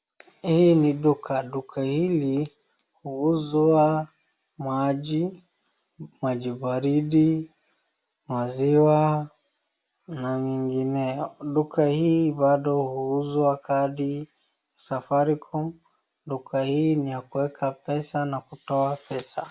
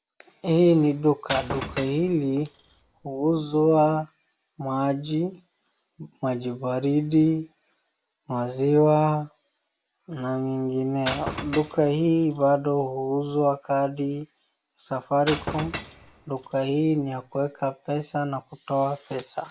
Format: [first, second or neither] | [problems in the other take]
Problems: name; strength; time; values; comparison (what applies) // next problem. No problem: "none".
first | background sound (Shatter / Crushing); 12 dB below the speech